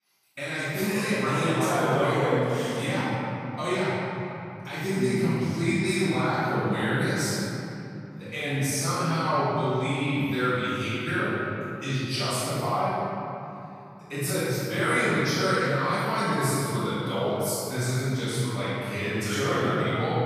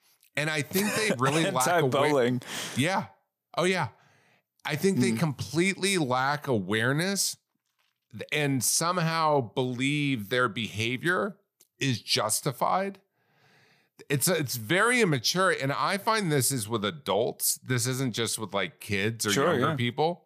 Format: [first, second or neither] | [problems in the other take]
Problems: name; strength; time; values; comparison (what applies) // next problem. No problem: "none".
second | off-mic speech; far // room echo; strong; dies away in 3 s